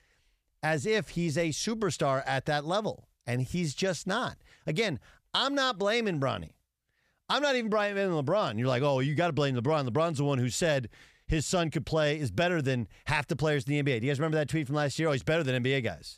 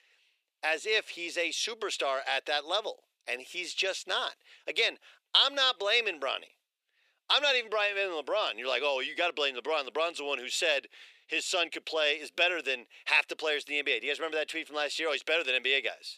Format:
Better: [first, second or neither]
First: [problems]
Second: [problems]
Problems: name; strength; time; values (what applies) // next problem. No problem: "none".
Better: first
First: none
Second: thin; very; fading below 400 Hz